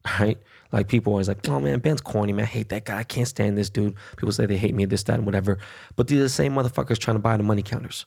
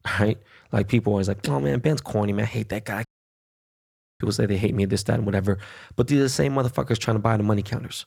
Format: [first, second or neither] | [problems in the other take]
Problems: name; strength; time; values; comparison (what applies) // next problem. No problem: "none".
first | audio cutting out; at 3 s for 1 s